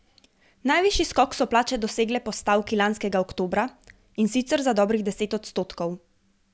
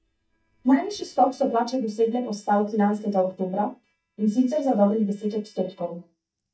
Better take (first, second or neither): first